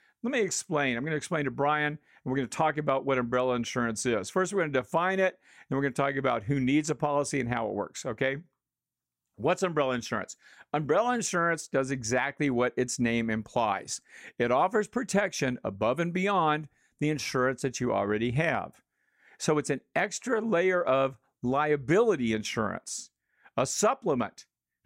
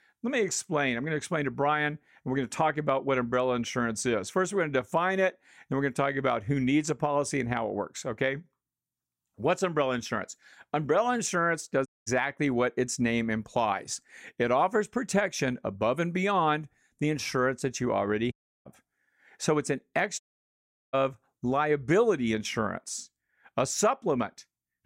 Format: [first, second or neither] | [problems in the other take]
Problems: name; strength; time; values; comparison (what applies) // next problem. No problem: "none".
first | audio cutting out; at 12 s, at 18 s and at 20 s for 0.5 s